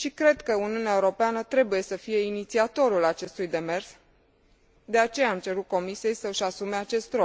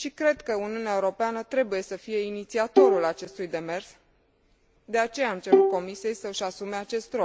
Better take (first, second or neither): first